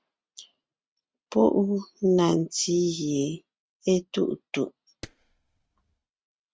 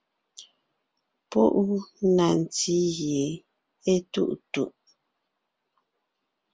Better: second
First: noise reduction (neural mask model RNNoise)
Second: none

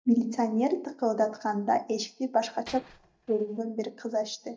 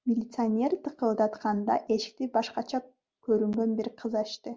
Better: second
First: noise reduction (neural mask model DeepFilterNet 3)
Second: none

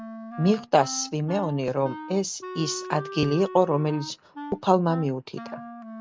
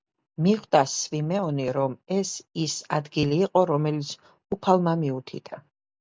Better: second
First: background sound (Wind instrument, woodwind instrument); 13 dB below the speech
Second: none

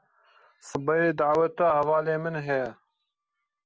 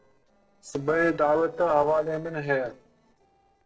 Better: first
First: none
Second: noise reduction (neural separator model SepFormer DNS4)

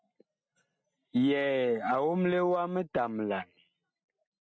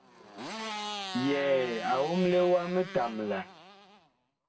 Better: first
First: none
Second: background sound (Motorcycle); 11 dB below the speech // room echo; dies away in 0.2 s

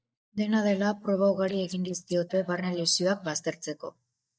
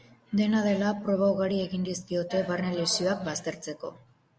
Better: second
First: noise reduction (neural mask model DeepFilterNet 3)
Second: none

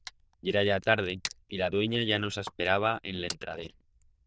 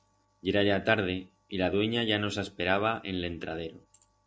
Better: second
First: noise reduction (neural diffusion model UNIVERSE++)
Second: none

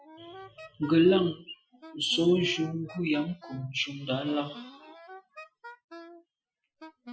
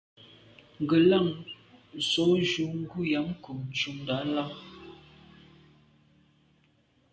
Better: second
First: noise reduction (classical method Wiener filter)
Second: none

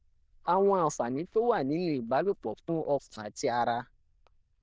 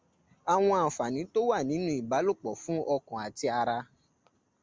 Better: second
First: noise reduction (neural diffusion model UNIVERSE++)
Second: none

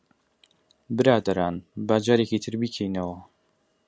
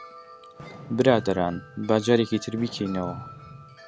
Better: first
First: none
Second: background sound (Fireworks + Wind chime); 16 dB below the speech

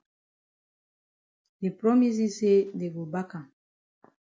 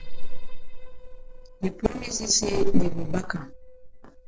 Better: first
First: none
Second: noise reduction (neural separator model SepFormer DNS4)

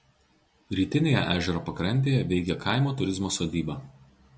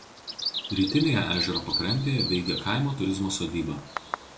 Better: first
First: none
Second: background sound (Bird vocalization, bird call, bird song); 7 dB below the speech // room echo; dies away in 0.3 s

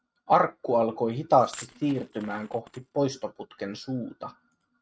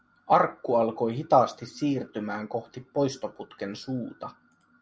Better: second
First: noise reduction (neural mask model RNNoise)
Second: none

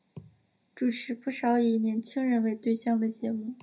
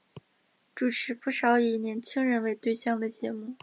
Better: second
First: room echo; dies away in 0.5 s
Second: none

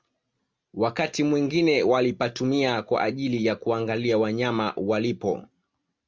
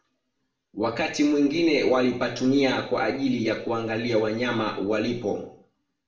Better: first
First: none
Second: room echo; dies away in 0.5 s

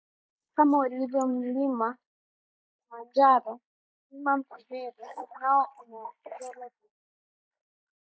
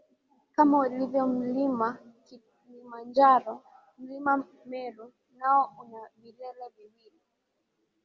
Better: second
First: noise reduction (neural mask model Resemble Enhance denoiser)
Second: none

